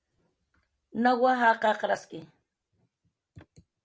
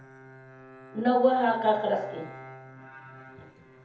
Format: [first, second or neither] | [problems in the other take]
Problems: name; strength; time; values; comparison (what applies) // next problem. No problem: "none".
first | background sound (Bowed string instrument); 18 dB below the speech // room echo; dies away in 0.7 s